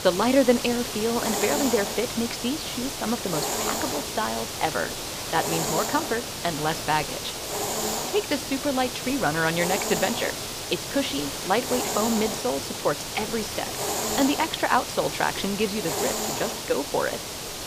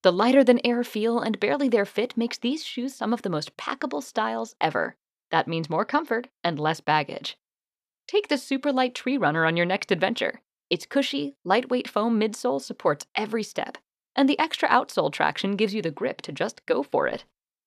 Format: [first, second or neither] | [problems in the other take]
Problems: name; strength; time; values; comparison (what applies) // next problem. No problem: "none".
second | hiss; loud; throughout; 2 dB below the speech